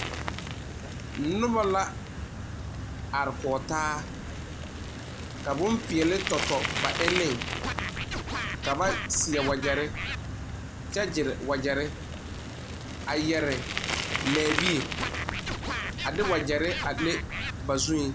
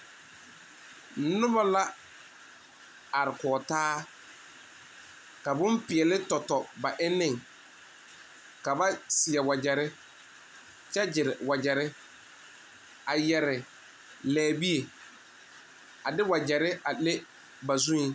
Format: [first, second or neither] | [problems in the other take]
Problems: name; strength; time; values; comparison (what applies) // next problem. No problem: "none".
second | background sound (Bicycle + Scratching (performance technique)); 3 dB below the speech